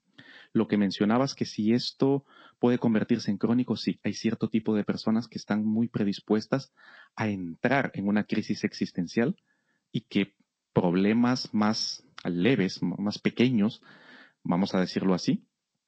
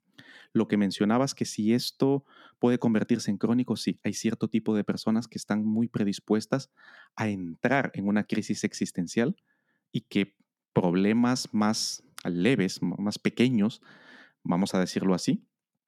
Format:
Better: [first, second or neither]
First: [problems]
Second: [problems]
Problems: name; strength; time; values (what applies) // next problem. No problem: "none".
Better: second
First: garbled, watery; slightly; nothing above 18.5 kHz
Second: none